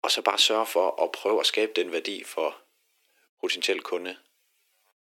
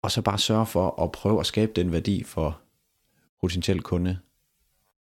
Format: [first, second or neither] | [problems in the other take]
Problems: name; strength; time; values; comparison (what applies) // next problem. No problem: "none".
second | thin; very; fading below 350 Hz